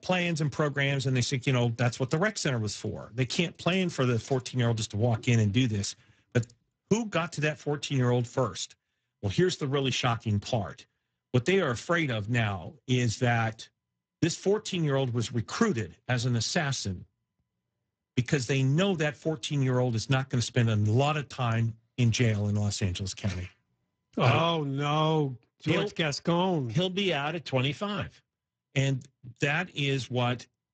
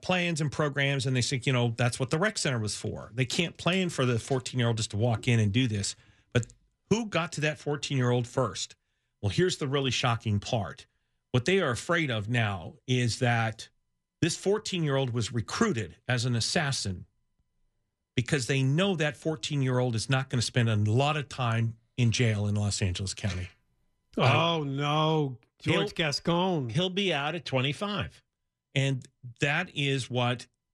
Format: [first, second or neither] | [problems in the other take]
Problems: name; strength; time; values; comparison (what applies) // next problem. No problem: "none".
second | garbled, watery; badly; nothing above 8 kHz